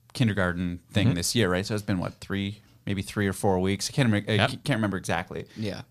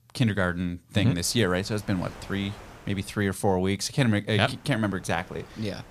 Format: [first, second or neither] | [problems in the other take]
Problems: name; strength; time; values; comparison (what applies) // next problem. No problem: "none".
first | wind noise on the microphone; occasional gusts; from 1 to 3 s and from 4.5 s on; 20 dB below the speech